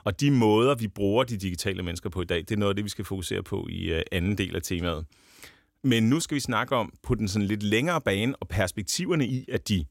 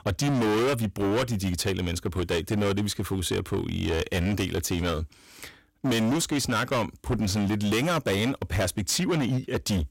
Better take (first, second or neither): first